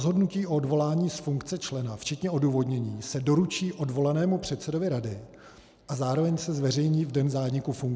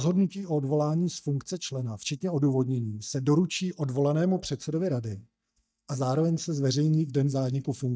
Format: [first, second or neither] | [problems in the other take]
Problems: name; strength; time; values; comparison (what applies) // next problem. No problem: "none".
first | noise reduction (neural mask model DeepFilterNet 3)